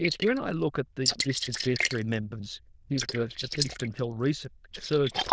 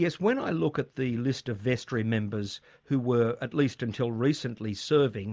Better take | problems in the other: second | noise reduction (neural diffusion model UNIVERSE++)

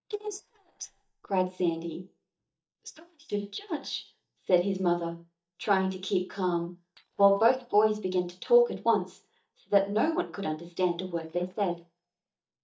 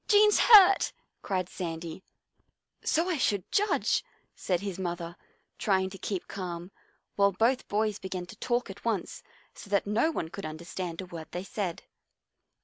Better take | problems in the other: second | noise reduction (neural mask model DeepFilterNet 3)

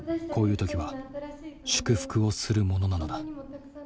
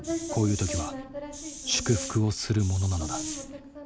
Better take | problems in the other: first | background sound (Hiss); 12 dB below the speech

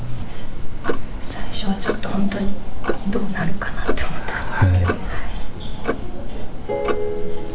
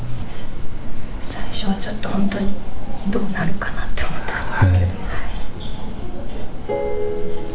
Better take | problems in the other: second | background sound (Clock); 15 dB below the speech

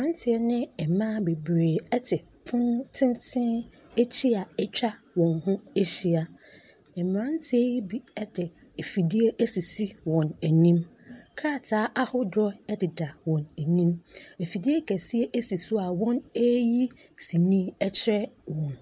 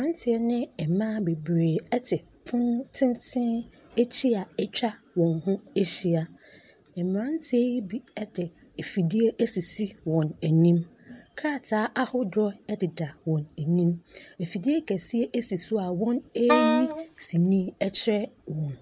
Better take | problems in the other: first | background sound (Wind instrument, woodwind instrument); 1 dB below the speech

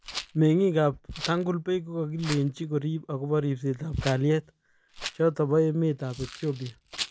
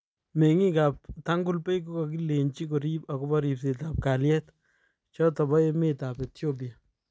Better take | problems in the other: second | background sound (Rattle); 15 dB below the speech

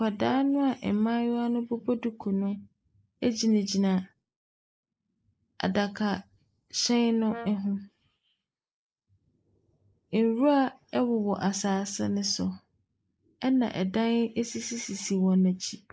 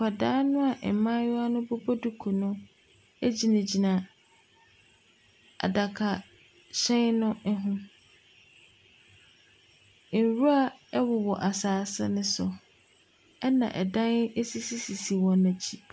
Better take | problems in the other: second | noise reduction (neural mask model Resemble Enhance denoiser)

